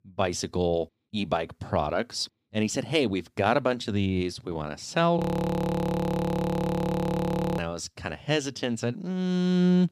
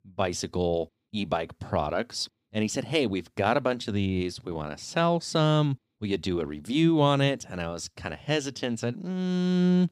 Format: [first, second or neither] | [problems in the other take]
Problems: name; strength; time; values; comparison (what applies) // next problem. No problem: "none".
second | audio freezing; at 5 s for 2.5 s